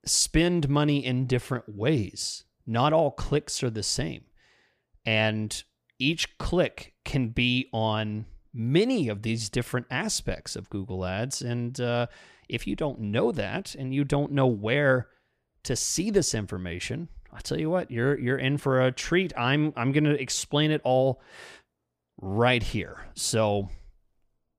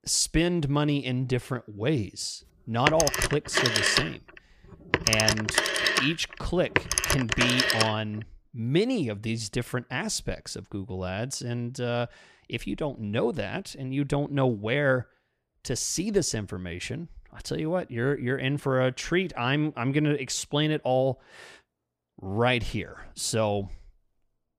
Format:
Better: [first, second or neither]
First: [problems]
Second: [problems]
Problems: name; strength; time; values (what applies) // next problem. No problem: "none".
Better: first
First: none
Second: phone ringing; loud; from 3 to 8 s; peak 6 dB above the speech